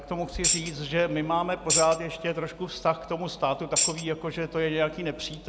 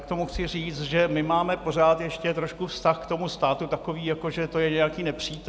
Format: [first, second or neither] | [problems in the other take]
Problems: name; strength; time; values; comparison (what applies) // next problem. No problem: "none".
second | background sound (Tambourine); 1 dB below the speech